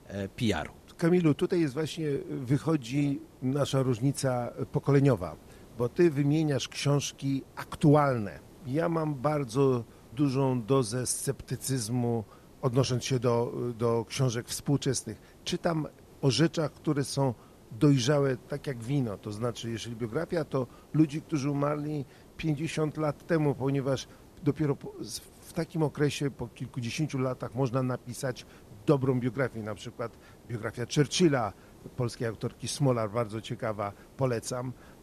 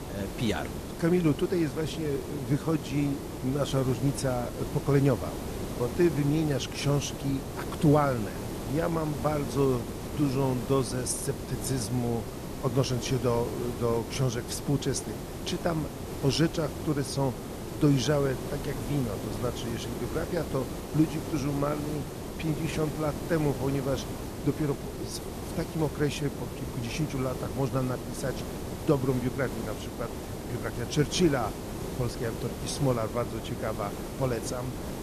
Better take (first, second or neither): first